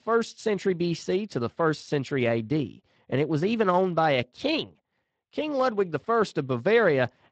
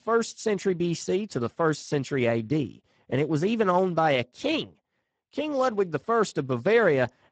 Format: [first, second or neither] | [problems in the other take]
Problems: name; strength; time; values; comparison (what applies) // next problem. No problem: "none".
first | garbled, watery; badly; nothing above 7.5 kHz; slightly in the first